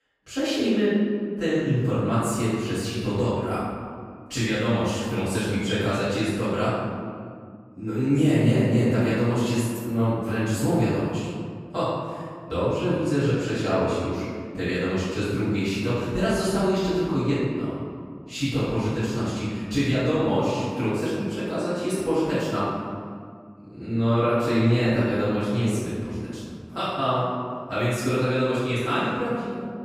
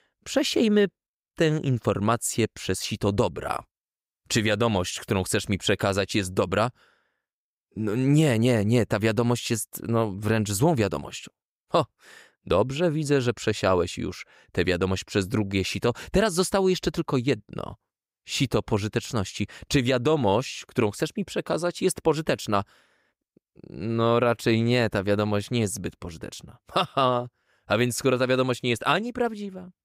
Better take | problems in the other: second | room echo; strong; dies away in 2 s // off-mic speech; far

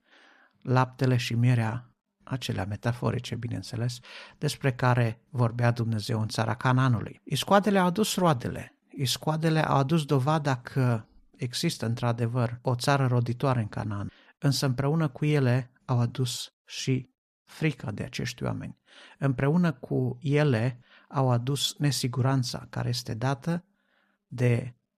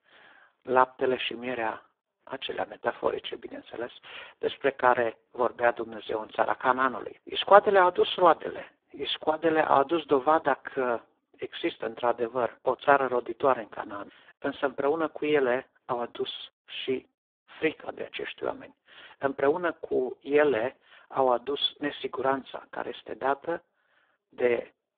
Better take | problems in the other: first | phone-call audio; poor line; nothing above 3.5 kHz

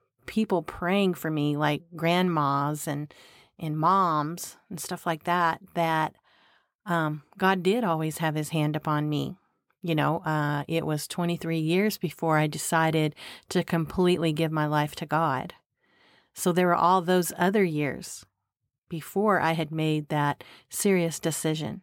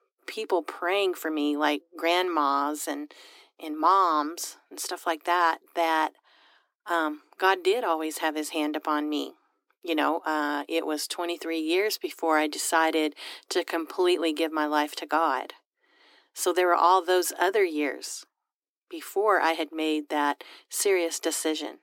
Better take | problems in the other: first | thin; somewhat; fading below 300 Hz

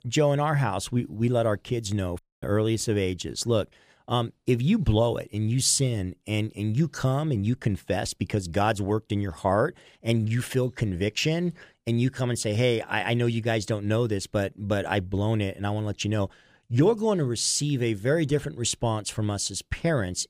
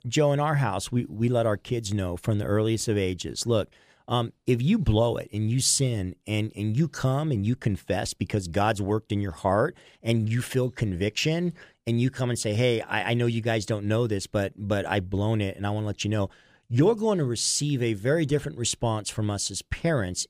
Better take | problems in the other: second | audio cutting out; at 2 s

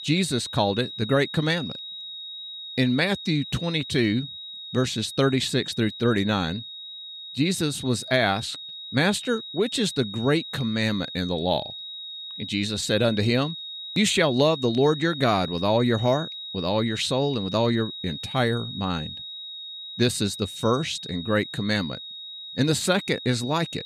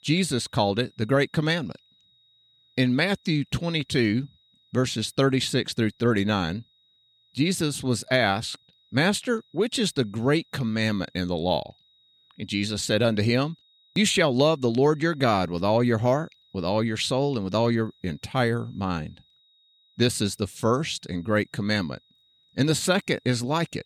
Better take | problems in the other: second | high-pitched whine; loud; throughout; 4 kHz, 10 dB below the speech; faint in the second

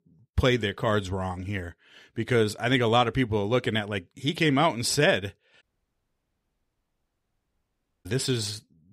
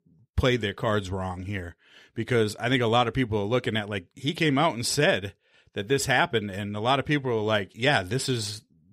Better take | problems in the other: second | audio cutting out; at 5.5 s for 2.5 s

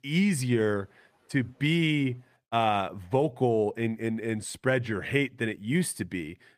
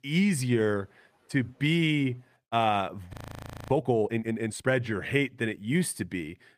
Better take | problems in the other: first | audio freezing; at 3 s for 0.5 s

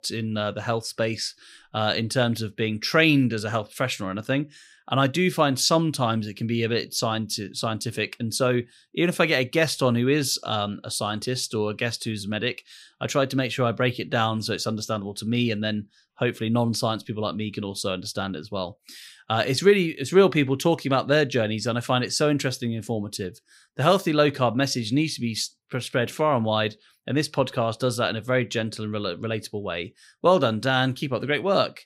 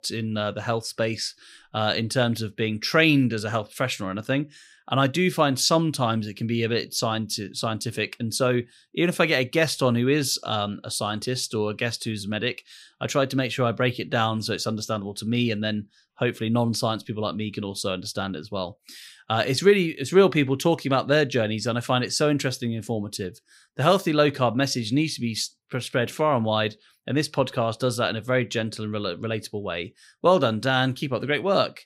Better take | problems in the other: neither | none

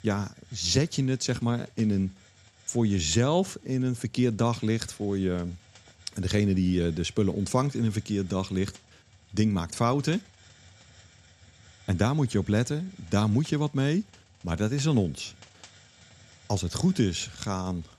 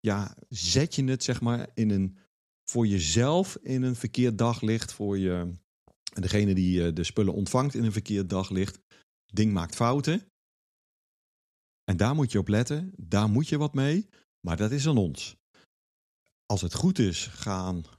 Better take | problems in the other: second | hiss; faint; throughout; 25 dB below the speech

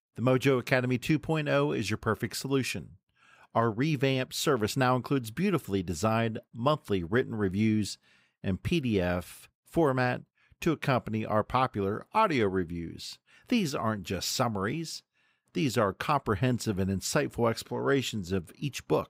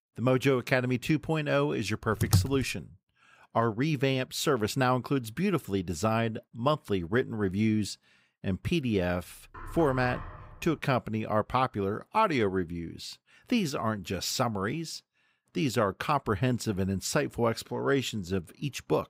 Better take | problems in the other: first | keyboard typing; loud; at 2 s; peak 2 dB above the speech // door banging; faint; from 9.5 to 11 s; peak 10 dB below the speech

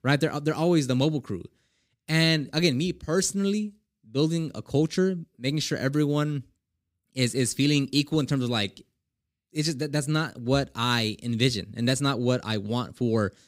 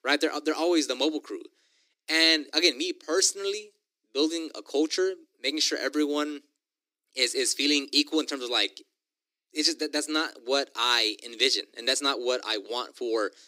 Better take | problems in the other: first | thin; somewhat; fading below 300 Hz

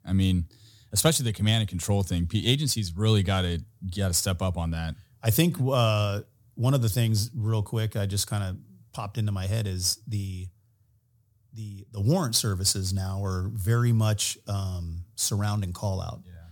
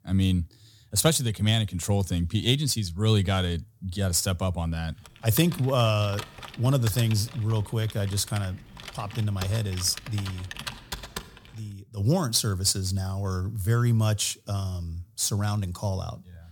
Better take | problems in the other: first | keyboard typing; noticeable; from 5 to 11 s; peak 9 dB below the speech

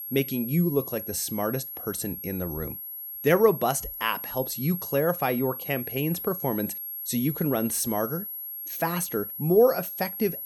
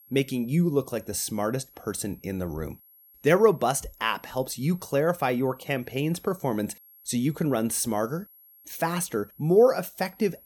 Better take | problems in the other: second | high-pitched whine; loud; throughout; 11.5 kHz, 7 dB below the speech; faint in the second

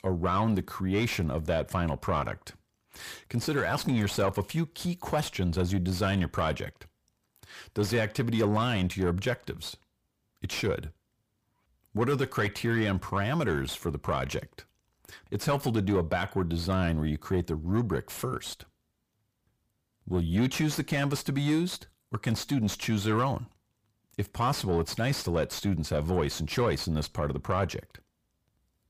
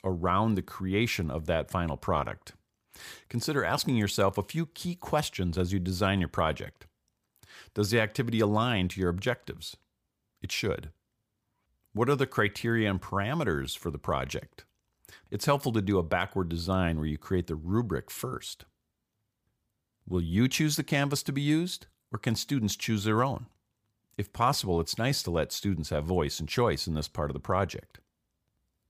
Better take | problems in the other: second | distortion; slight; 10 dB below the speech

